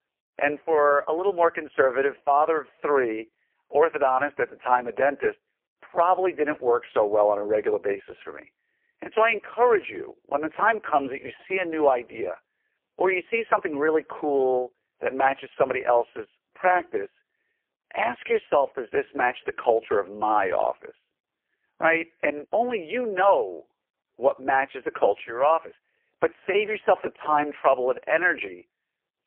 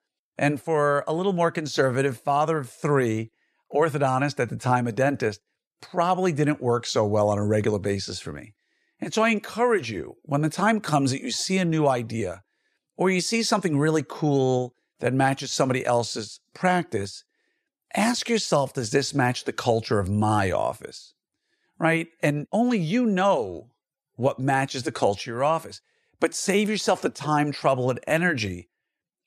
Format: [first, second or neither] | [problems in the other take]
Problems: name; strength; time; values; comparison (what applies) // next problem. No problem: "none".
second | phone-call audio; poor line